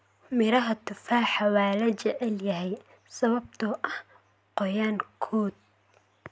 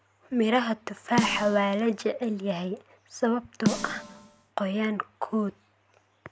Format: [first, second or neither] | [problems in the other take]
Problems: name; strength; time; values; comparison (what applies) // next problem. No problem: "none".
first | background sound (Snare drum); 7 dB below the speech